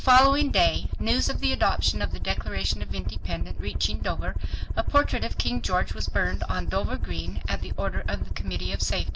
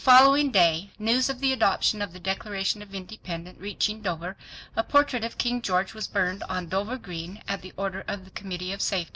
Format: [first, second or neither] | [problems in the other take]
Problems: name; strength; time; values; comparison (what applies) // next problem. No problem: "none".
second | background sound (Aircraft); 1 dB above the speech